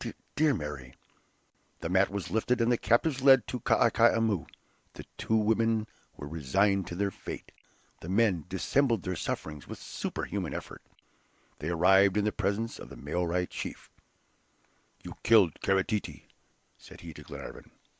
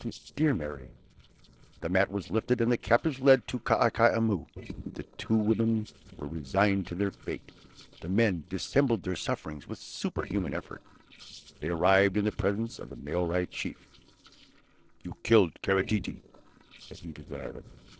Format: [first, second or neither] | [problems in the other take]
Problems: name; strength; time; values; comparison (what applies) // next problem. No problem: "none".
first | noise reduction (neural separator model SepFormer DNS4)